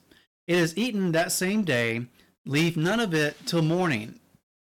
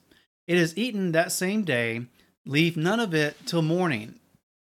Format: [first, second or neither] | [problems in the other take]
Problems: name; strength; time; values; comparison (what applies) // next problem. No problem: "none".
second | distortion; slight; 8% of the sound clipped